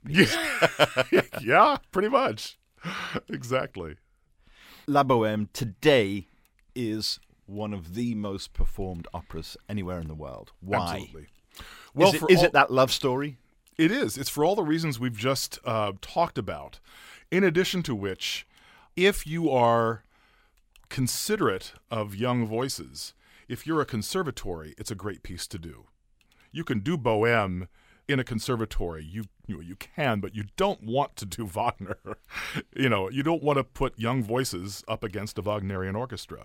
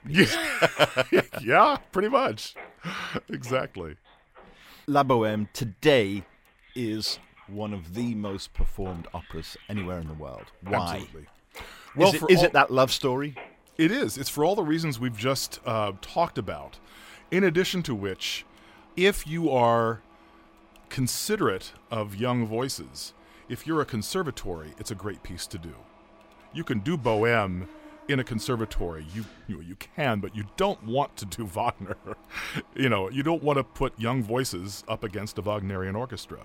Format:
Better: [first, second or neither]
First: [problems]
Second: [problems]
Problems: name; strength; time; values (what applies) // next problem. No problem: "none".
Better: first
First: none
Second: machinery noise; faint; throughout; 25 dB below the speech